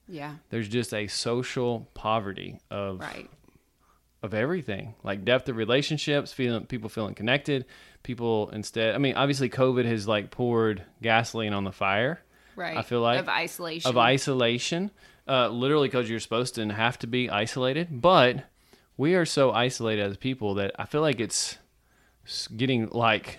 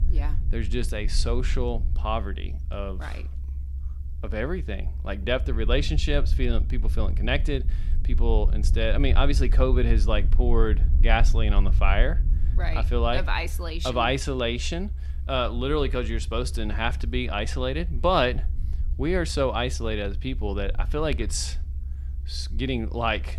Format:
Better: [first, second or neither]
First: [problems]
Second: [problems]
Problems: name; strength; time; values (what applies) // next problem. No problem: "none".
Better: first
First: none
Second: low rumble; noticeable; throughout; 20 dB below the speech